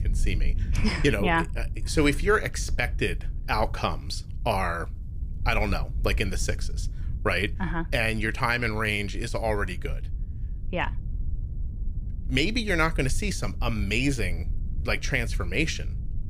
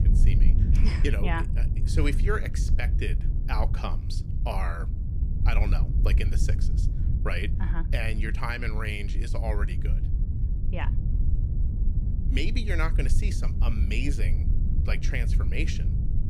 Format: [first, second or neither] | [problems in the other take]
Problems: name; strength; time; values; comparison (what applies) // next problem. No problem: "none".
first | low rumble; loud; throughout; 9 dB below the speech; faint in the first